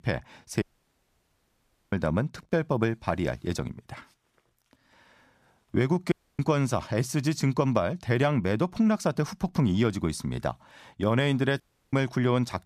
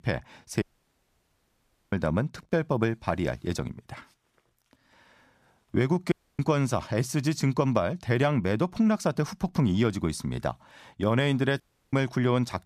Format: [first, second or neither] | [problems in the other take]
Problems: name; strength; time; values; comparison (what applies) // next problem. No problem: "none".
neither | audio cutting out; at 0.5 s for 1.5 s, at 6 s and at 12 s; the same in both